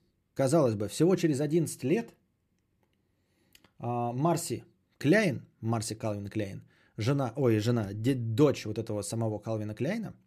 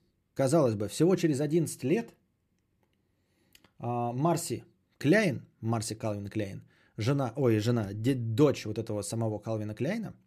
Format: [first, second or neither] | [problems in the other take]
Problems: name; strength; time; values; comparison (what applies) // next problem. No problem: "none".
neither | none